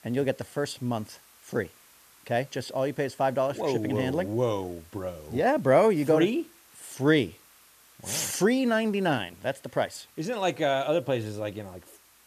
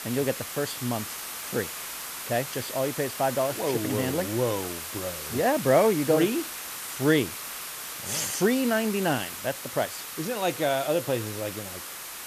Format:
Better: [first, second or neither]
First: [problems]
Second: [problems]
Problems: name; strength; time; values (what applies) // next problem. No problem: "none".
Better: first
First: hiss; faint; throughout; 25 dB below the speech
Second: hiss; loud; throughout; 7 dB below the speech